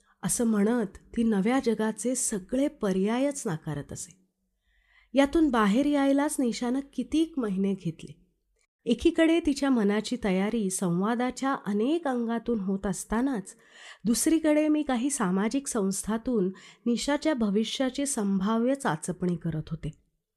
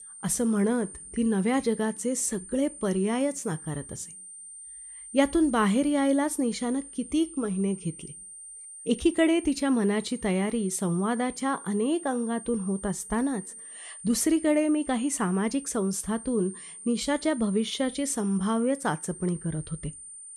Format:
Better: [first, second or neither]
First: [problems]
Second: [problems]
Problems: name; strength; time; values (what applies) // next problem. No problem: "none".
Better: first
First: none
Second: high-pitched whine; noticeable; throughout; 9 kHz, 15 dB below the speech